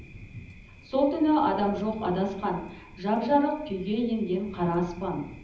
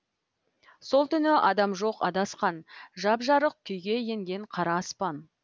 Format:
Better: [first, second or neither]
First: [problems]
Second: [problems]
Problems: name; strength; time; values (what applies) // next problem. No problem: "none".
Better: second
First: background sound (Thunder); 19 dB below the speech // room echo; dies away in 0.8 s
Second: none